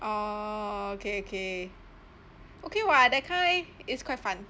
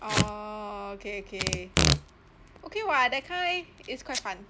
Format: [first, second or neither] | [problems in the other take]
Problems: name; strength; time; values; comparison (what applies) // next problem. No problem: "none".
first | background sound (Packing tape, duct tape / Tearing); 1 dB above the speech